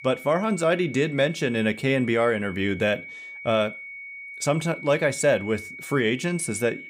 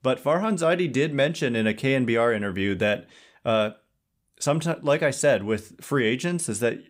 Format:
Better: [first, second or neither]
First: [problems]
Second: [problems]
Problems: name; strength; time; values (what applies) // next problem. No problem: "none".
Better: second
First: high-pitched whine; noticeable; throughout; 2 kHz, 15 dB below the speech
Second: none